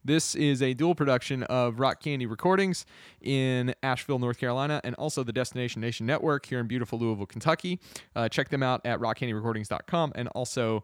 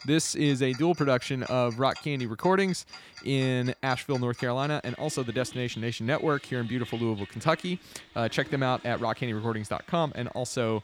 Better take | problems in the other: first | household noises; noticeable; throughout; 20 dB below the speech

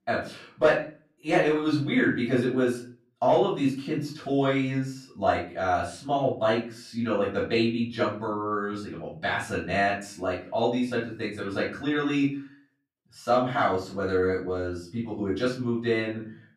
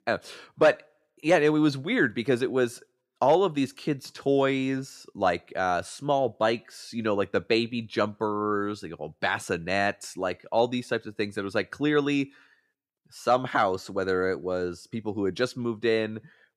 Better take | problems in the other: second | off-mic speech; far // room echo; slight; dies away in 0.4 s

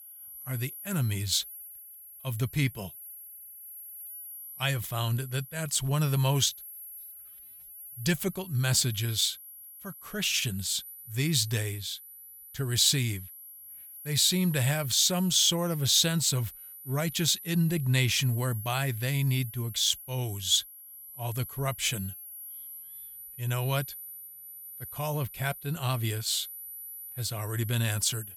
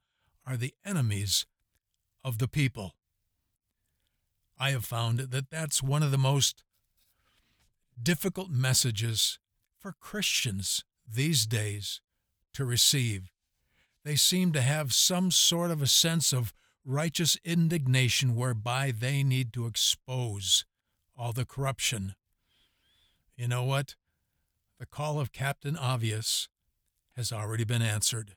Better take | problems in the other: second | high-pitched whine; noticeable; throughout; 11.5 kHz, 15 dB below the speech

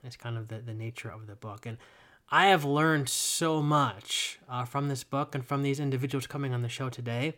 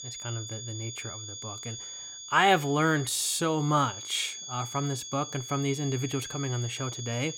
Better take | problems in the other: first | high-pitched whine; loud; throughout; 6.5 kHz, 10 dB below the speech

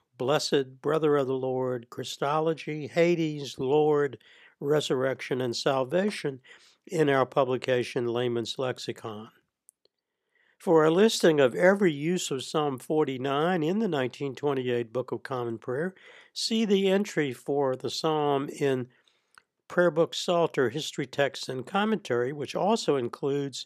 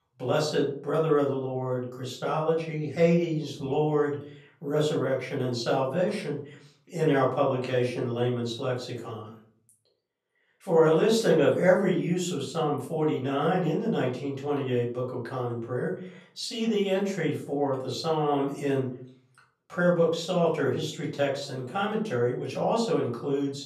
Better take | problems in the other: first | off-mic speech; far // room echo; slight; dies away in 0.5 s

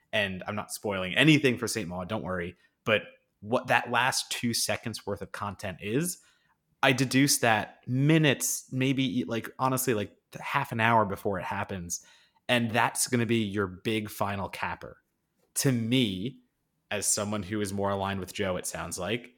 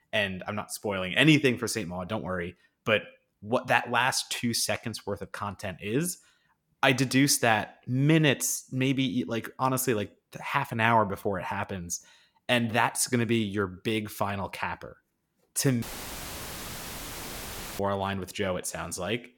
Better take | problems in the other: first | audio cutting out; filled with static; at 16 s for 2 s

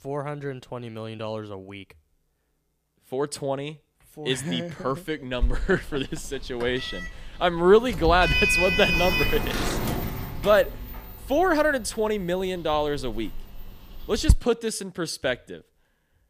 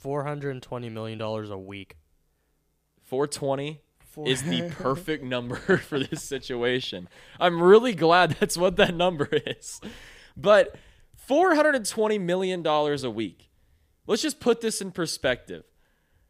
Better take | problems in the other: second | door banging; loud; from 5.5 to 14 s; peak 6 dB above the speech

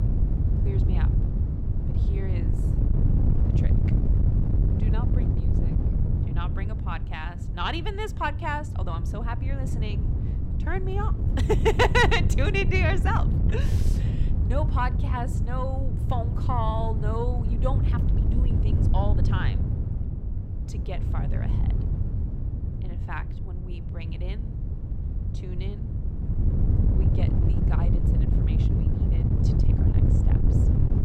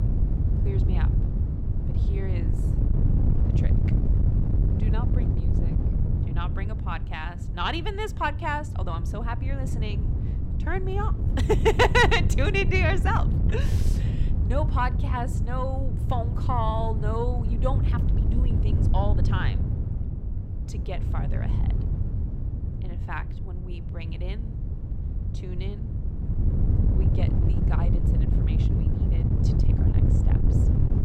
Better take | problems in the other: second | wind noise on the microphone; heavy; 9 dB below the speech; occasional gusts in the second

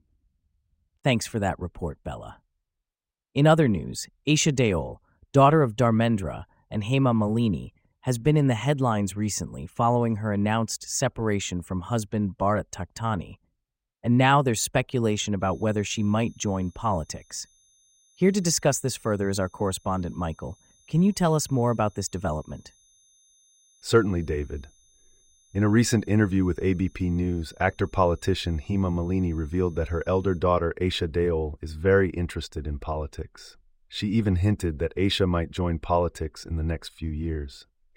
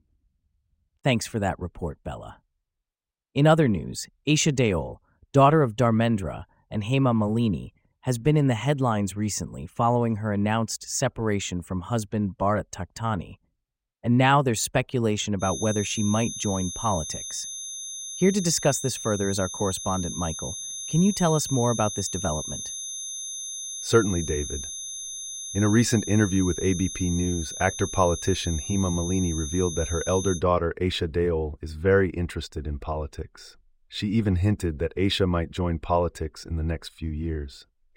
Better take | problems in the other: first | high-pitched whine; loud; from 15 to 30 s; 6 kHz, 7 dB below the speech; faint in the first

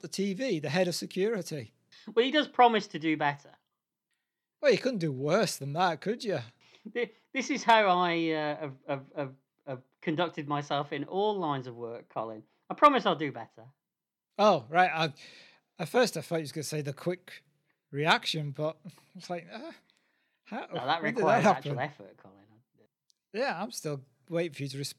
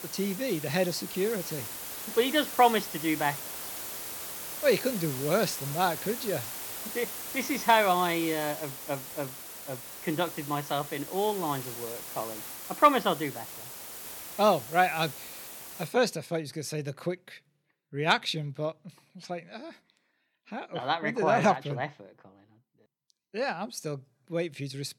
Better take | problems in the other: first | hiss; loud; until 16 s; 8 dB below the speech

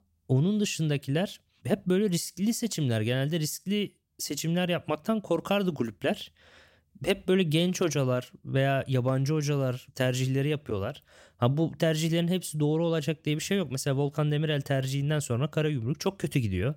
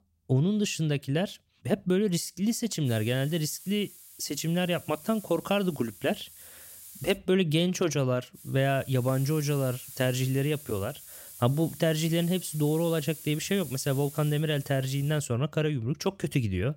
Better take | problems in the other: first | hiss; noticeable; from 3 to 7 s and from 8.5 to 15 s; 15 dB below the speech

